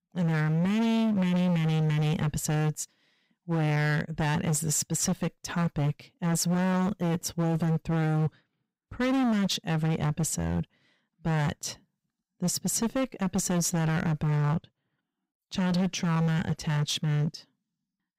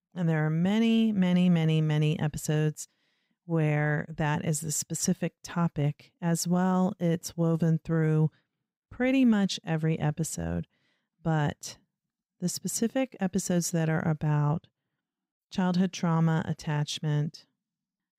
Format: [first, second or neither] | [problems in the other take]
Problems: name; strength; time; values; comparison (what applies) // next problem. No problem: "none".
second | distortion; heavy; 24% of the sound clipped